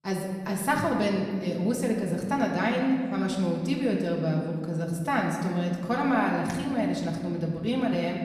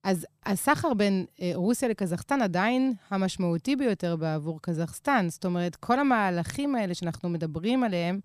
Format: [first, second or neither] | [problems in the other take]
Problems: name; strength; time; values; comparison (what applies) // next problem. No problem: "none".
second | room echo; noticeable; dies away in 1.8 s // off-mic speech; far